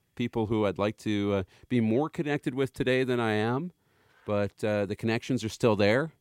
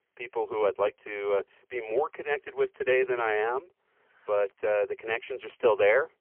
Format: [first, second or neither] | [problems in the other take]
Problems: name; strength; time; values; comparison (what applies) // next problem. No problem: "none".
first | phone-call audio; poor line; nothing above 3 kHz